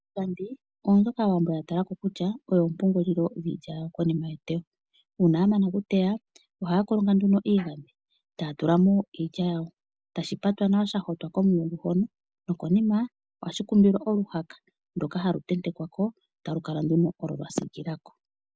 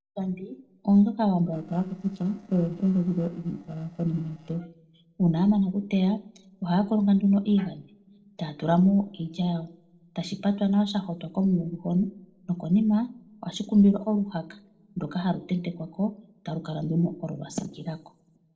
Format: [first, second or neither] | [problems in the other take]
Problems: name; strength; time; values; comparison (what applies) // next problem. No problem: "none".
first | noise reduction (neural separator model SepFormer DNS4)